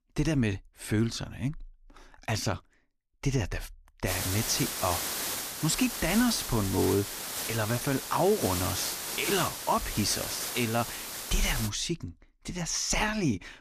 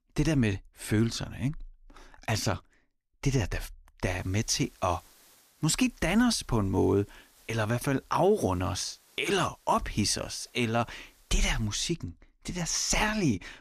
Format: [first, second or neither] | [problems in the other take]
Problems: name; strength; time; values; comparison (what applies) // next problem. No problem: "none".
second | hiss; loud; from 4 to 12 s; 3 dB below the speech; faint in the second